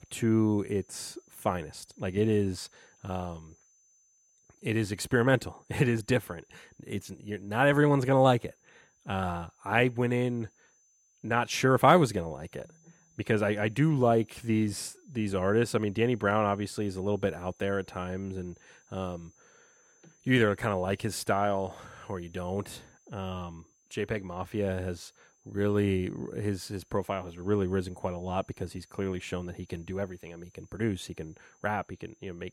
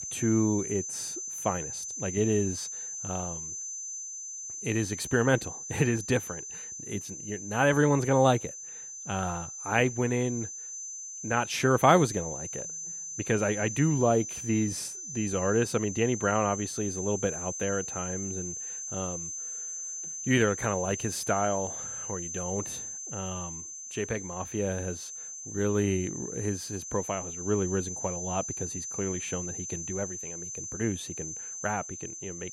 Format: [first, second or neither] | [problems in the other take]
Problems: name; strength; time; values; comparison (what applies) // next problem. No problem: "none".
first | high-pitched whine; loud; throughout; 6 kHz, 6 dB below the speech; faint in the first